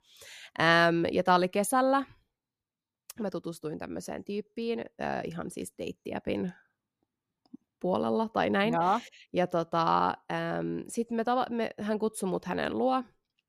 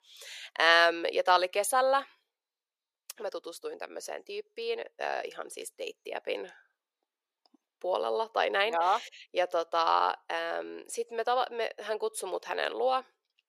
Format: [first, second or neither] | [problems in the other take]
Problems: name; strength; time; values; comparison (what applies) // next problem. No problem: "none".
first | thin; very; fading below 450 Hz